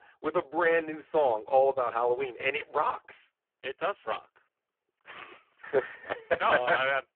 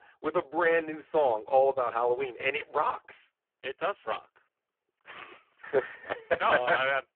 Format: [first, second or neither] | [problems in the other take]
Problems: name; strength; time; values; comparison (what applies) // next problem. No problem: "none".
neither | phone-call audio; poor line; the same in both